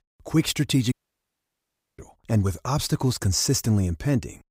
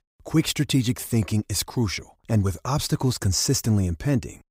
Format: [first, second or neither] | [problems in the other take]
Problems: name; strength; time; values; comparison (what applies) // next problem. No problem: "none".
second | audio cutting out; at 1 s for 1 s